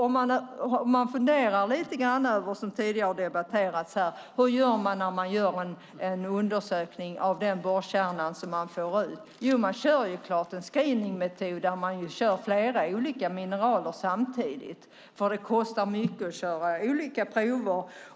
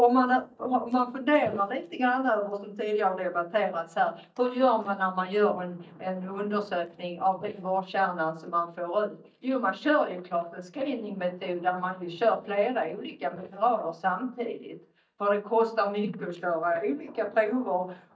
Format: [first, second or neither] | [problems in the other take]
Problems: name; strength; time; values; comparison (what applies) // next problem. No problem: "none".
first | noise reduction (neural mask model DeepFilterNet 3)